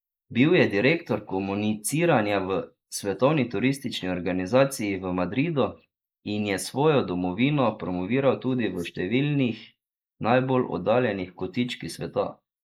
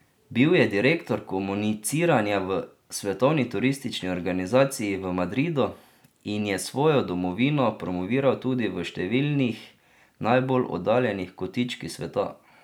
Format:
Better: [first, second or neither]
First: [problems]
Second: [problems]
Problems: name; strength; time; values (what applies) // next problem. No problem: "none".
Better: second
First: noise reduction (neural mask model Resemble Enhance denoiser)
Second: none